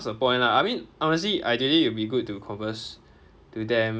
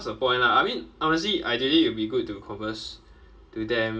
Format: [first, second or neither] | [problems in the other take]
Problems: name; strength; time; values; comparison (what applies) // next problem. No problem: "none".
first | room echo; dies away in 0.2 s